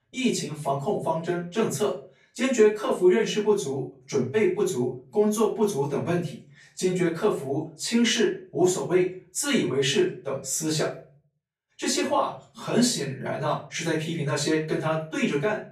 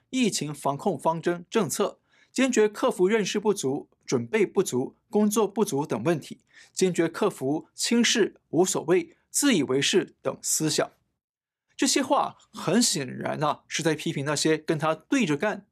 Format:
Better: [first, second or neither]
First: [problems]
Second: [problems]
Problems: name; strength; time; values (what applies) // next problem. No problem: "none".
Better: second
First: off-mic speech; far // room echo; slight; dies away in 0.4 s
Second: none